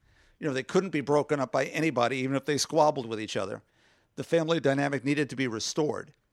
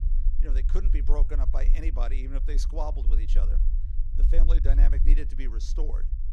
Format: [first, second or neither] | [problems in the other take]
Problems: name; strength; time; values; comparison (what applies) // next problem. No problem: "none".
first | low rumble; loud; throughout; 10 dB below the speech